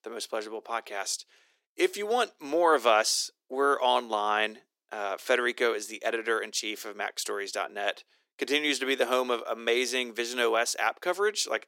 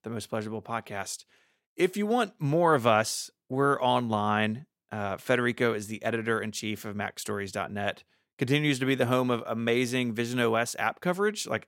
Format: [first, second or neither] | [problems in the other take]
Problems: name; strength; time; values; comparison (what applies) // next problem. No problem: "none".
second | thin; somewhat; fading below 300 Hz